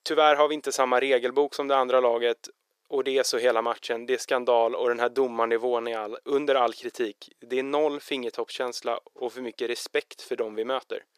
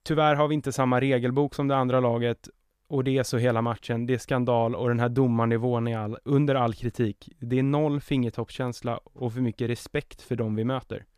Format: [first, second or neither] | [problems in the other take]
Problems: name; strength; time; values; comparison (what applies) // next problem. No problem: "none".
second | thin; very; fading below 400 Hz